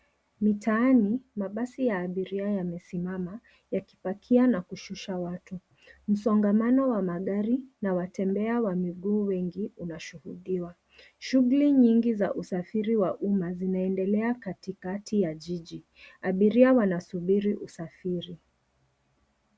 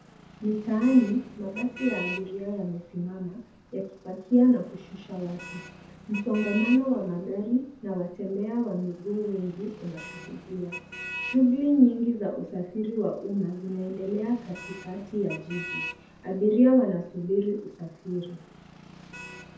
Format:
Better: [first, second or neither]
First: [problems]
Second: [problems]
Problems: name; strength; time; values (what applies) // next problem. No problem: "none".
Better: first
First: none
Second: background sound (Motor vehicle (road)); 15 dB below the speech // room echo; dies away in 0.5 s